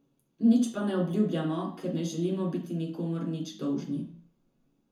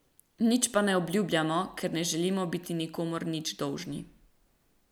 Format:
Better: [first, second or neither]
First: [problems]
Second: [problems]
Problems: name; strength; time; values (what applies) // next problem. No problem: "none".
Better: second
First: room echo; dies away in 0.6 s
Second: none